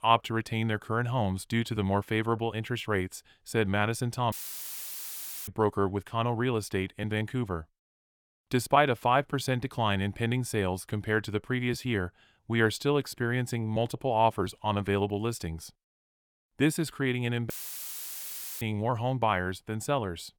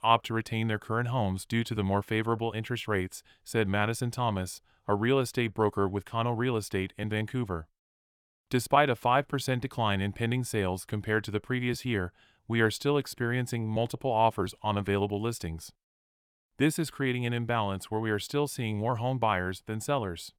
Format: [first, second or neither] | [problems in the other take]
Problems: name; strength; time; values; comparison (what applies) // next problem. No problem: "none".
second | audio cutting out; filled with static; at 4.5 s for 1 s and at 18 s for 1 s